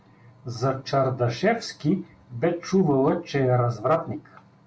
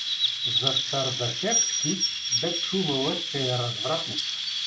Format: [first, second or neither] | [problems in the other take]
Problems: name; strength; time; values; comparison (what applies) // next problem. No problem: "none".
first | background sound (Chirp, tweet); 4 dB above the speech